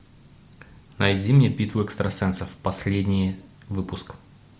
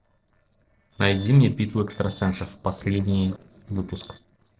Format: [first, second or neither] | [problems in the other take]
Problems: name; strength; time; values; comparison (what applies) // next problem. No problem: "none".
first | noise reduction (neural separator model SepFormer DNS4)